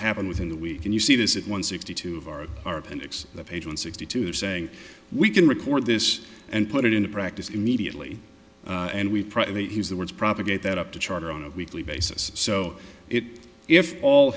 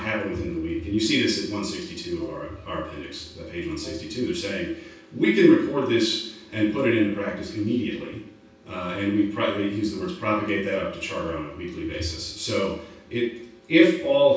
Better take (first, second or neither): first